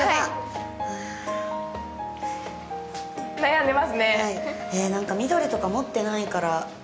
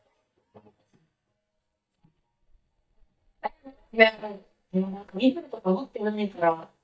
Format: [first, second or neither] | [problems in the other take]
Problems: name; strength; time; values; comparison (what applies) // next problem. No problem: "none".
first | noise reduction (neural mask model DeepFilterNet 3)